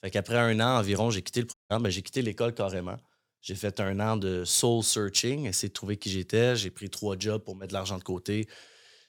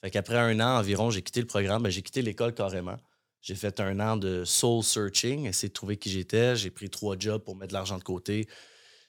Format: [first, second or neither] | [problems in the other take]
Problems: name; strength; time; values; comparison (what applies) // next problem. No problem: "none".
second | audio cutting out; at 1.5 s